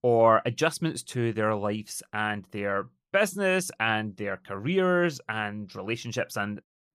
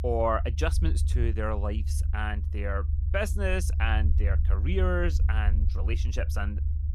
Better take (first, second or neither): first